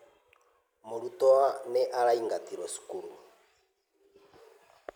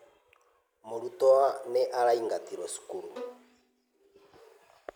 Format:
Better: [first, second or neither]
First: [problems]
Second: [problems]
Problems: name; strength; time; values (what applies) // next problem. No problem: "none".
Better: first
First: none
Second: background sound (Bowed string instrument); 17 dB below the speech